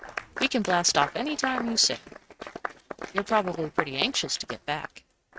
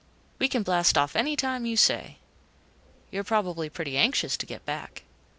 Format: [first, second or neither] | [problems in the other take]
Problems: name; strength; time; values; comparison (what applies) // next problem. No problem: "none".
second | noise reduction (neural mask model RNNoise)